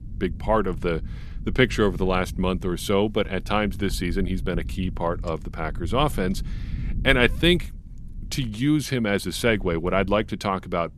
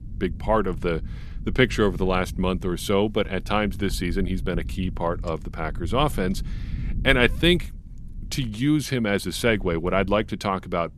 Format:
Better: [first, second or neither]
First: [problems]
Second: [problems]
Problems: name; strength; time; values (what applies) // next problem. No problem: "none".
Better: neither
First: low rumble; faint; throughout; 25 dB below the speech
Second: low rumble; faint; throughout; 25 dB below the speech